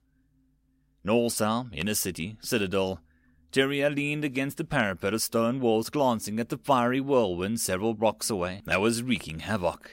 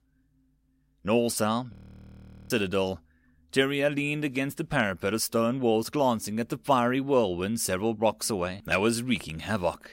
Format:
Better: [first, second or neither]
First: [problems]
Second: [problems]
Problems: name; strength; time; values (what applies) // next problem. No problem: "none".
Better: first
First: none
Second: audio freezing; at 1.5 s for 1 s